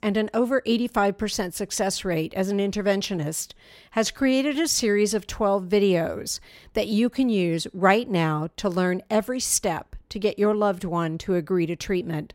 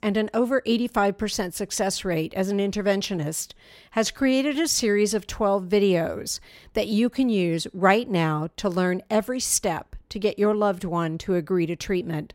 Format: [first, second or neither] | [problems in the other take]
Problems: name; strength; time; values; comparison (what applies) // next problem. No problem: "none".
neither | none